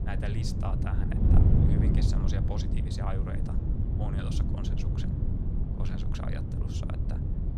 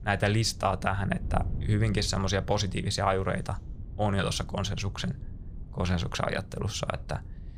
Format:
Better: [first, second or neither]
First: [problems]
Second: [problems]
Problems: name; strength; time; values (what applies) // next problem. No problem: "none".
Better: second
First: wind noise on the microphone; heavy; 2 dB above the speech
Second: wind noise on the microphone; occasional gusts; 25 dB below the speech